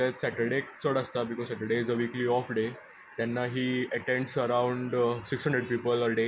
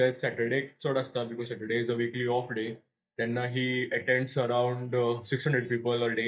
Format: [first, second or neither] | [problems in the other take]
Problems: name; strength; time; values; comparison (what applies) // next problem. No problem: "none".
first | noise reduction (neural mask model DeepFilterNet 3)